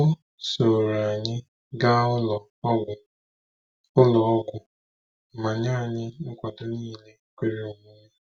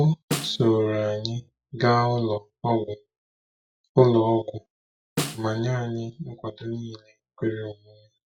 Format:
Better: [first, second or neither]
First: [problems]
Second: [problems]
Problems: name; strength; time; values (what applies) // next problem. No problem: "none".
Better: first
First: none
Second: noise reduction (classical method log-MMSE)